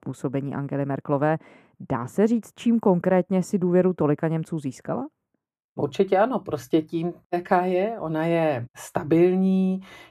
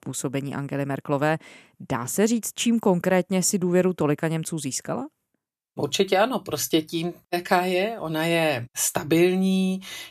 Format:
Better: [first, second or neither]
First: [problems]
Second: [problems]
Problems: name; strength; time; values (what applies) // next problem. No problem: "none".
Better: second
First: muffled; very; fading above 2.5 kHz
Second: none